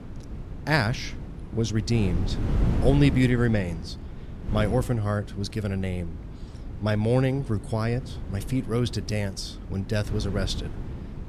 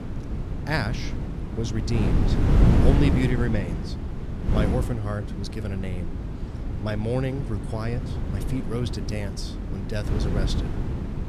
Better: first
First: wind noise on the microphone; occasional gusts; 15 dB below the speech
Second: wind noise on the microphone; heavy; 3 dB below the speech

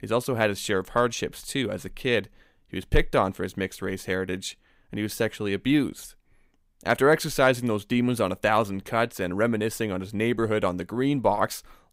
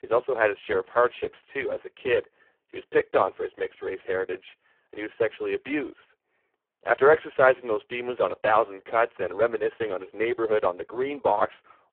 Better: first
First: none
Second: phone-call audio; poor line

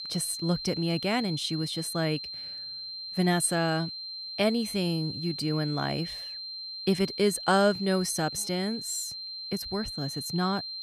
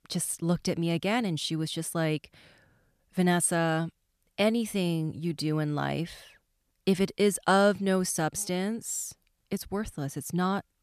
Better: second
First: high-pitched whine; loud; throughout; 4 kHz, 7 dB below the speech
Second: none

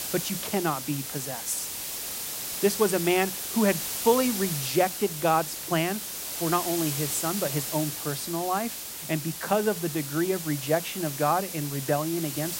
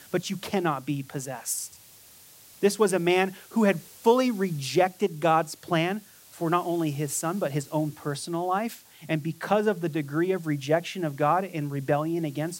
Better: second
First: hiss; loud; throughout; 4 dB below the speech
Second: hiss; faint; throughout; 25 dB below the speech

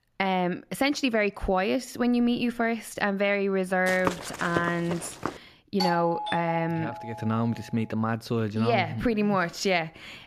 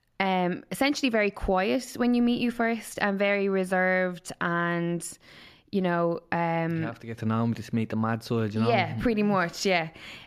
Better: second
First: footsteps; noticeable; from 4 to 5.5 s; peak 5 dB below the speech // doorbell; noticeable; from 6 to 7.5 s; peak 2 dB below the speech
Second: none

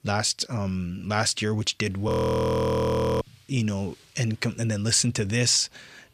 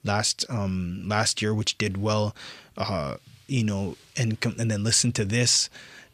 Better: second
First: audio freezing; at 2 s for 1 s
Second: none

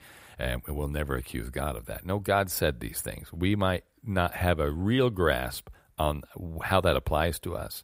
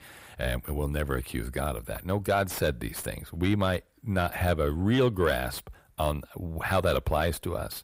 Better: first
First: none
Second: distortion; slight; 10 dB below the speech

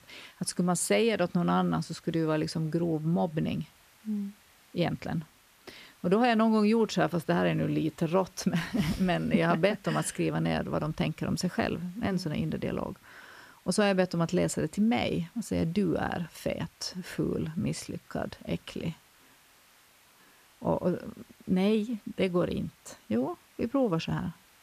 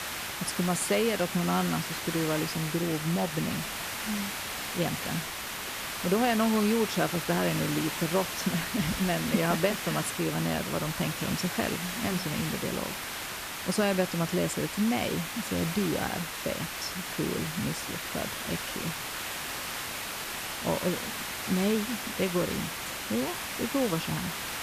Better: first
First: hiss; faint; throughout; 30 dB below the speech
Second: hiss; loud; throughout; 3 dB below the speech

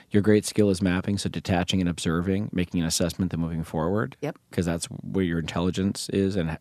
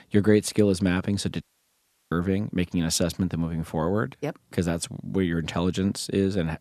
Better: first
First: none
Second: audio cutting out; at 1.5 s for 0.5 s

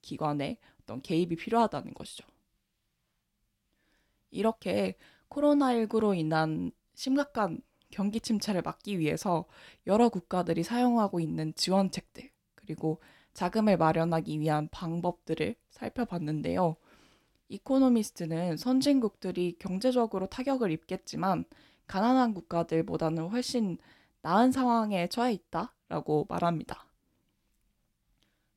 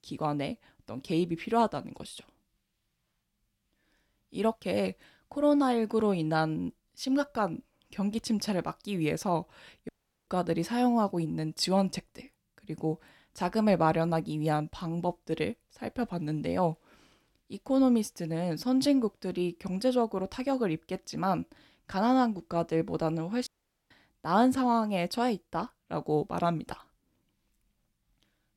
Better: first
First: none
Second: audio cutting out; at 10 s and at 23 s

